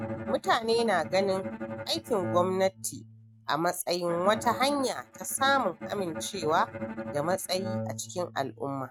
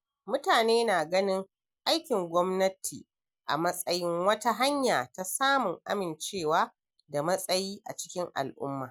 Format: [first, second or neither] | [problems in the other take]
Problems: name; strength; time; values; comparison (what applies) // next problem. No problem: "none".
second | noise reduction (neural mask model RNNoise)